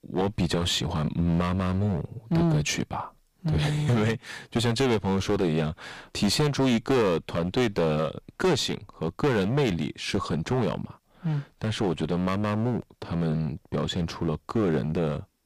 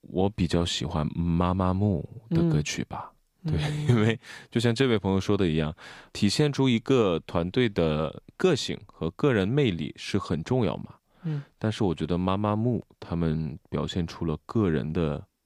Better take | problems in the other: second | distortion; heavy; 10% of the sound clipped

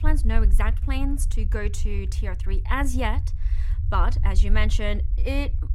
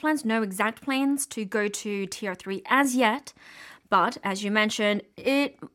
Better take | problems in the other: second | low rumble; noticeable; throughout; 15 dB below the speech

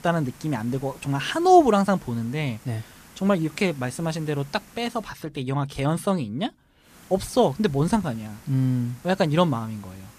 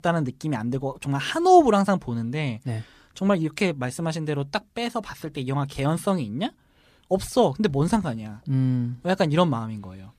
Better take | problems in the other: second | hiss; faint; until 5 s and from 7 s on; 25 dB below the speech

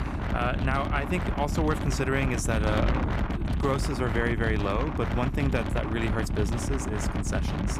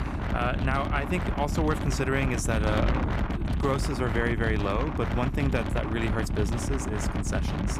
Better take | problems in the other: neither | wind noise on the microphone; heavy; 4 dB below the speech; the same in both

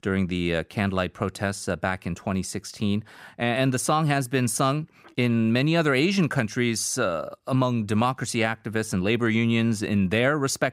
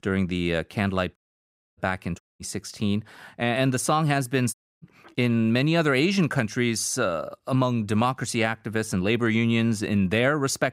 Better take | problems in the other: first | audio cutting out; at 1 s for 0.5 s, at 2 s and at 4.5 s

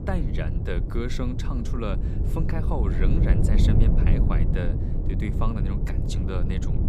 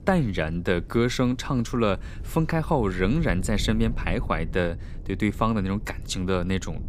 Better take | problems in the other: second | low rumble; loud; throughout; 2 dB below the speech; faint in the second

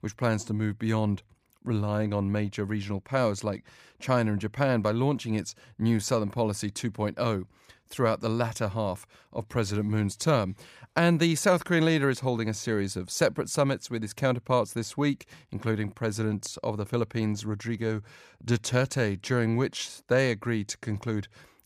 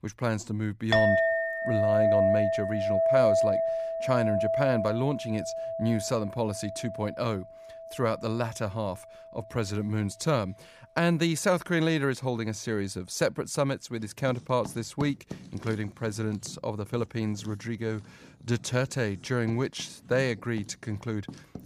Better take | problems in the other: first | household noises; very loud; throughout; 2 dB above the speech

